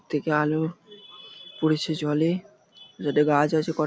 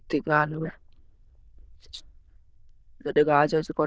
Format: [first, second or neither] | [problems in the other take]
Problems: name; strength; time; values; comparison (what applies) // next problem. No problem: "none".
first | noise reduction (neural diffusion model UNIVERSE++)